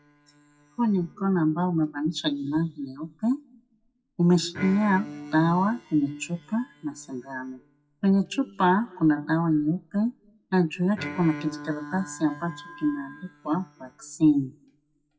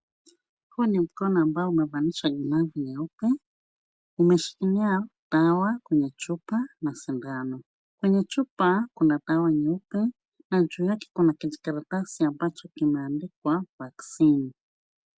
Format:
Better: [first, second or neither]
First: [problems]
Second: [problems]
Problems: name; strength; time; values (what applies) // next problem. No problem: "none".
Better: second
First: noise reduction (classical method WPE with log-MMSE)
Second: none